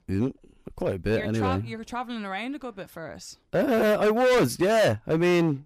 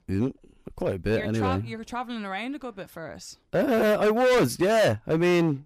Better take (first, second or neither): neither